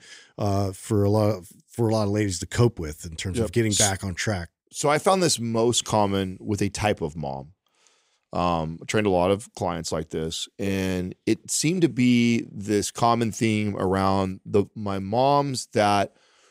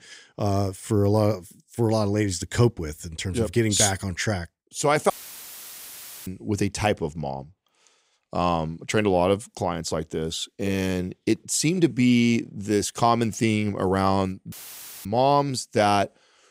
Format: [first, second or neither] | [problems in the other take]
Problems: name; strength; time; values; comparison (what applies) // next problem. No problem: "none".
first | audio cutting out; filled with static; at 5 s for 1 s and at 15 s for 0.5 s